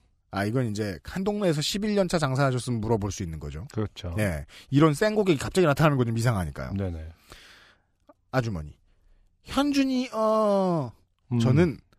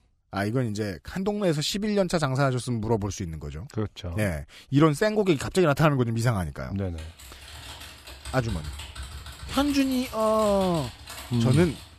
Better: first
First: none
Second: keyboard typing; faint; from 7 s on; peak 10 dB below the speech

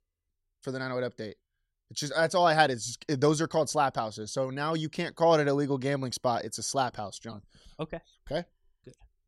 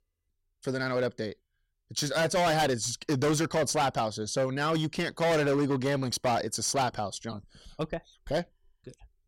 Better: first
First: none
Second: distortion; heavy; 12% of the sound clipped

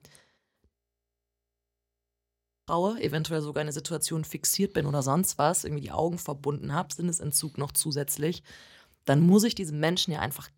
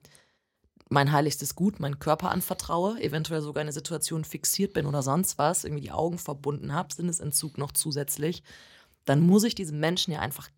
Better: second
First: audio freezing; at 1 s for 2 s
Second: none

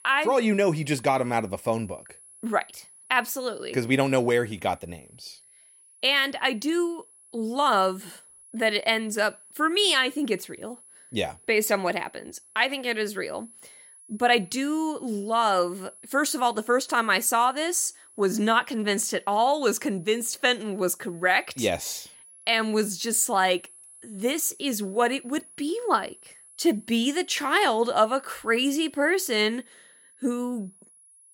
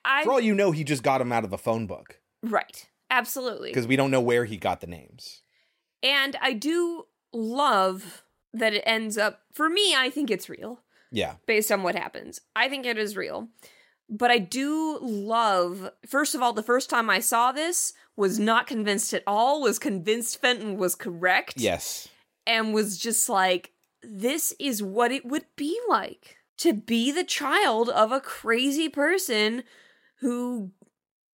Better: second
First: high-pitched whine; faint; throughout; 10.5 kHz, 25 dB below the speech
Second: none

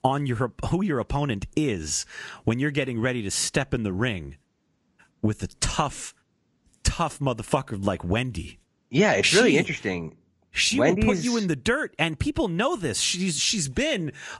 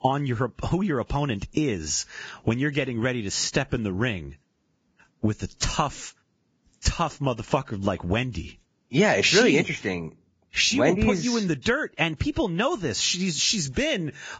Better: first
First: garbled, watery; slightly; nothing above 10.5 kHz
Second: garbled, watery; badly; nothing above 7.5 kHz

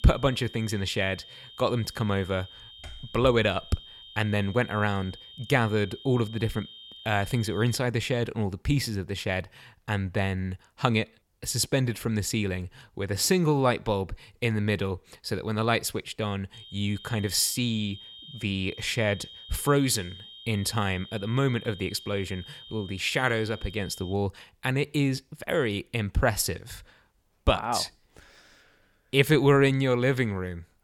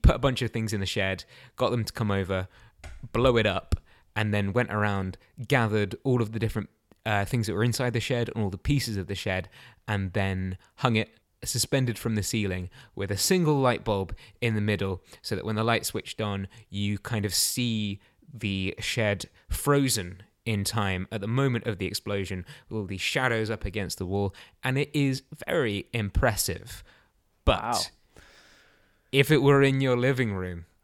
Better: second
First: high-pitched whine; noticeable; until 8 s and from 17 to 24 s; 3 kHz, 15 dB below the speech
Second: none

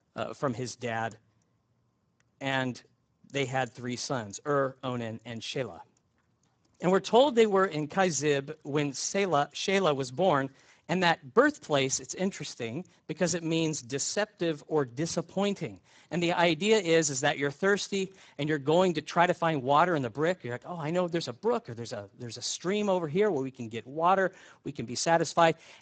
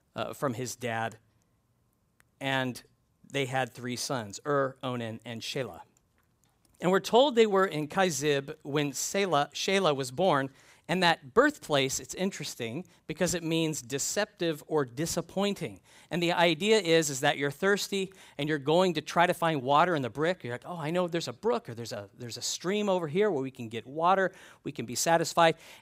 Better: second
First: garbled, watery; badly; nothing above 7.5 kHz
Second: none

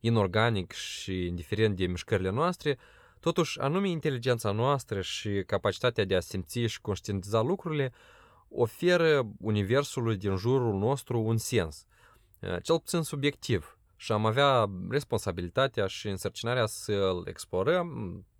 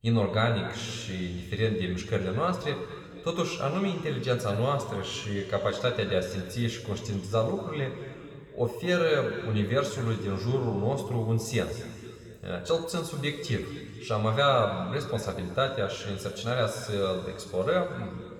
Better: first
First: none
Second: room echo; noticeable; dies away in 2.3 s

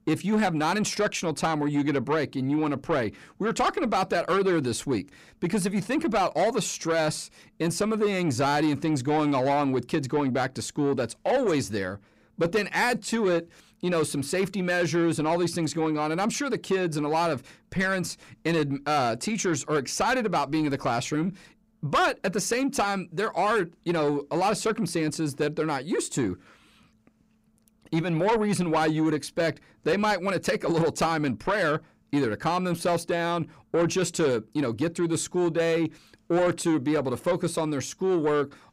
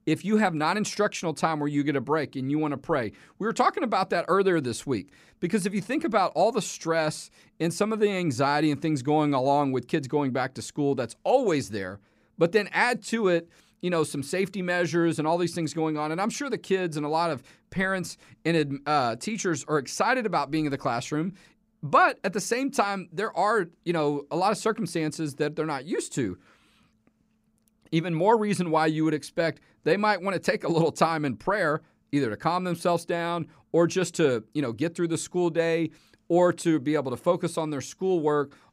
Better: second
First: distortion; slight; 10 dB below the speech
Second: none

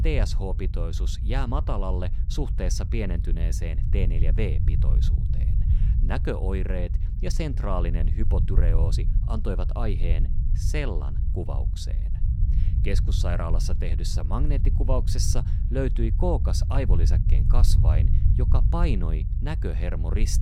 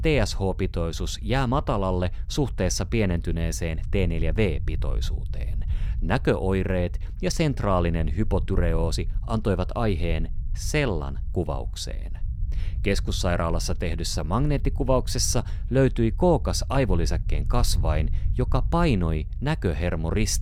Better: second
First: low rumble; loud; throughout; 8 dB below the speech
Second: low rumble; faint; throughout; 20 dB below the speech

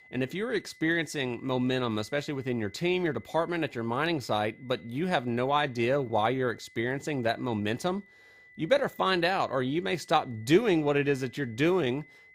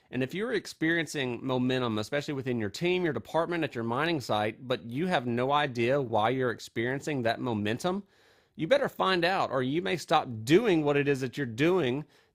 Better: second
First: high-pitched whine; faint; throughout; 2 kHz, 25 dB below the speech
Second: none

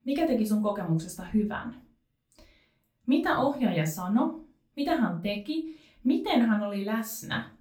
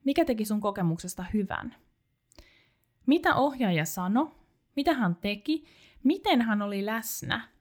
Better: second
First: off-mic speech; far // room echo; very slight; dies away in 0.3 s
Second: none

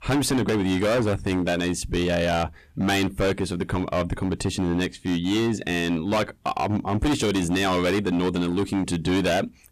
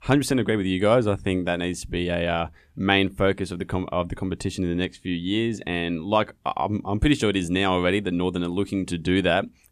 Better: second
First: distortion; heavy; 19% of the sound clipped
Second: none

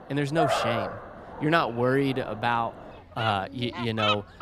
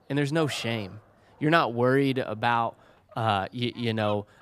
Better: second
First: animal sounds; loud; throughout; 4 dB below the speech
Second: animal sounds; faint; throughout; 25 dB below the speech

